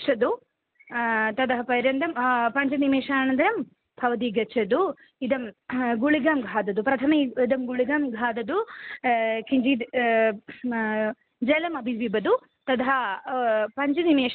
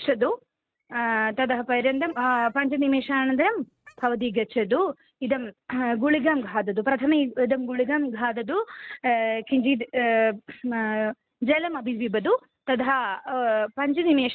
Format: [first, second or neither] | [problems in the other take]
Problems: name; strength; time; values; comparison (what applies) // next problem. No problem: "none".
first | noise reduction (neural mask model RNNoise)